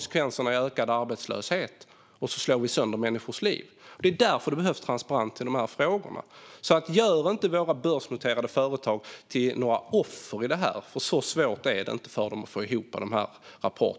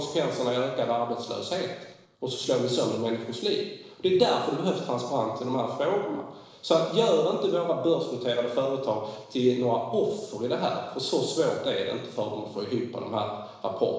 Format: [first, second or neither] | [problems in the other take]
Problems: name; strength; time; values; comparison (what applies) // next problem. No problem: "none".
first | noise reduction (neural separator model SepFormer DNS4)